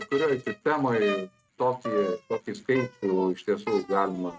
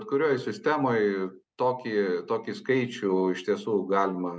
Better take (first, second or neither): second